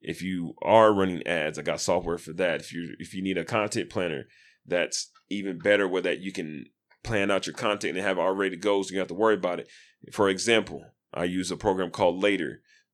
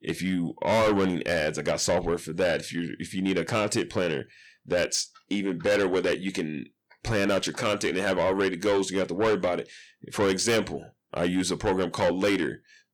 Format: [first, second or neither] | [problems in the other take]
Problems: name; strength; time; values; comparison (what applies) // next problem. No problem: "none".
first | distortion; heavy; 6 dB below the speech